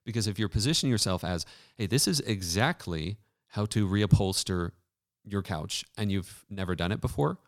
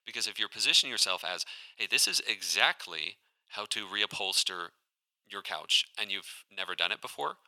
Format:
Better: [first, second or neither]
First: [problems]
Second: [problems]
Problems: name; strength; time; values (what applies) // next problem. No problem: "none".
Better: first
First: none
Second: thin; very; fading below 850 Hz